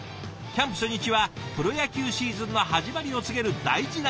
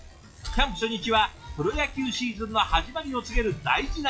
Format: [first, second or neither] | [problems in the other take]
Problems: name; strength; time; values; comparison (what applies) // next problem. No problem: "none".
first | noise reduction (classical method log-MMSE)